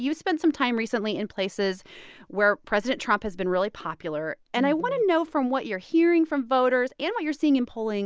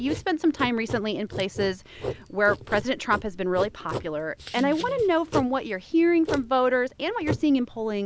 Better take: first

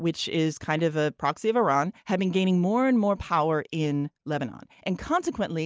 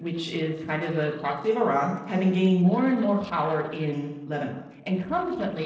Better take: first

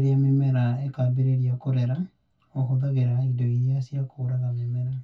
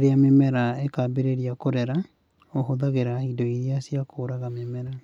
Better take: second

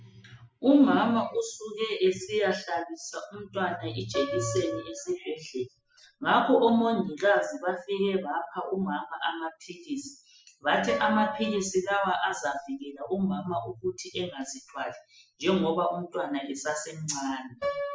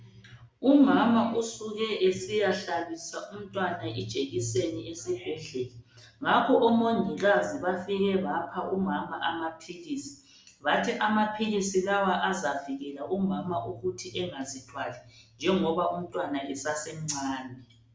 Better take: second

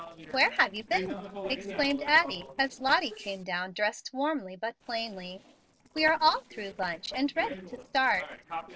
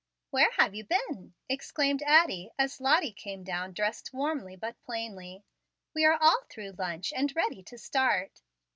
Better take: second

